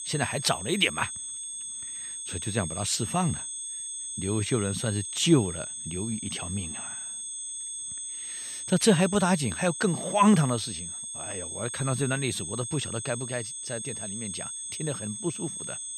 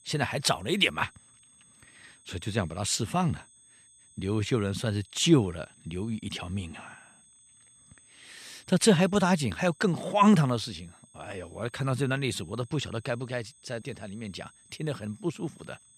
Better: second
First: high-pitched whine; loud; throughout; 8 kHz, 6 dB below the speech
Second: high-pitched whine; faint; throughout; 8 kHz, 30 dB below the speech

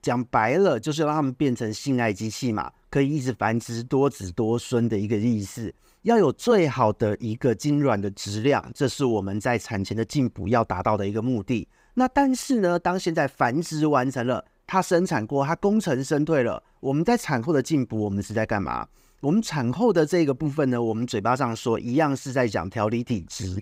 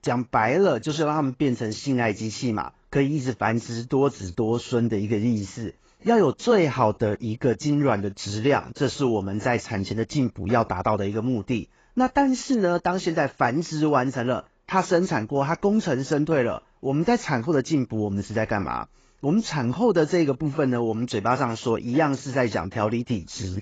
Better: first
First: none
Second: garbled, watery; badly; nothing above 7.5 kHz

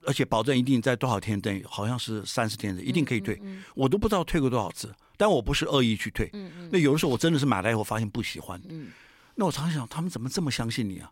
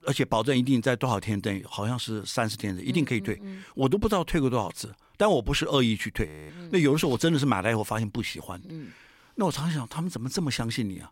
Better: first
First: none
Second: audio freezing; at 6.5 s

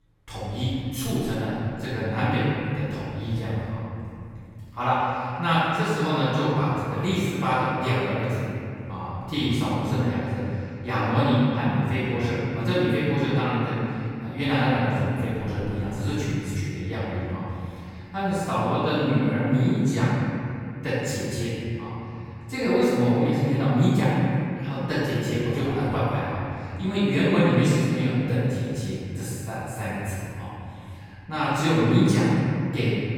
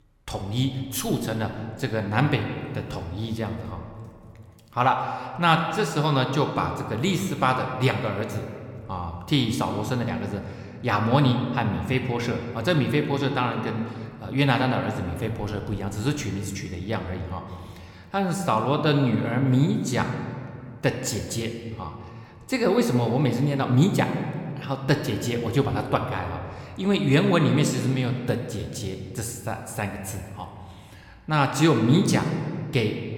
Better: second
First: room echo; strong; dies away in 2.8 s // off-mic speech; far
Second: room echo; slight; dies away in 1.8 s

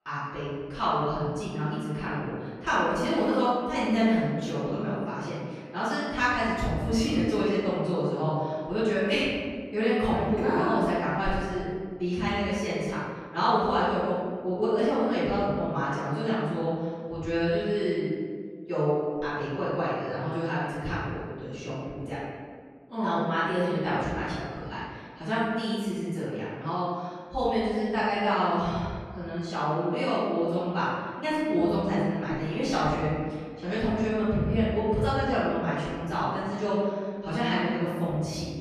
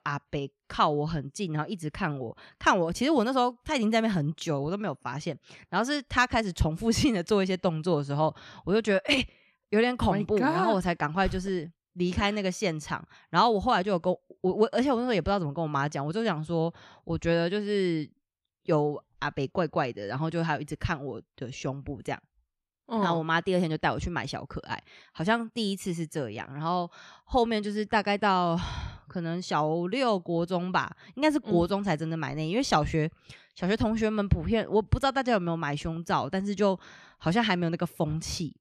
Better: second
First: off-mic speech; far // room echo; strong; dies away in 1.7 s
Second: none

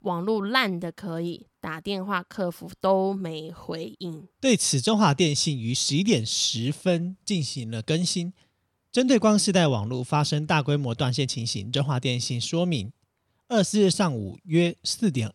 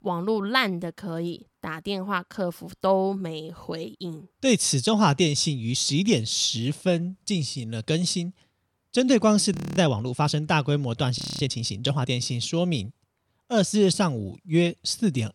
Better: first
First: none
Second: audio freezing; at 9.5 s and at 11 s

